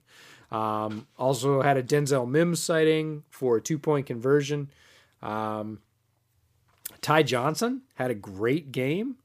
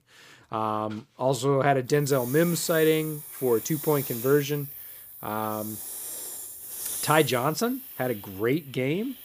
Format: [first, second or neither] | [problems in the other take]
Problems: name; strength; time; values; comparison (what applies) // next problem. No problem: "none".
first | hiss; loud; throughout; 9 dB below the speech